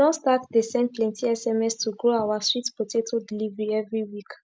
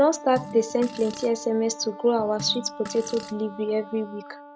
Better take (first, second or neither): first